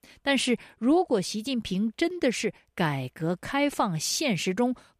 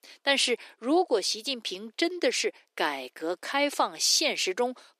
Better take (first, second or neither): first